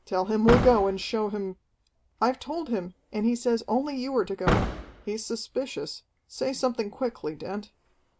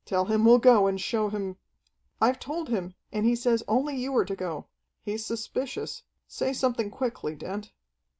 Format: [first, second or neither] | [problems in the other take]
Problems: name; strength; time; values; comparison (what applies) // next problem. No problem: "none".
second | background sound (Slam / Car); 6 dB below the speech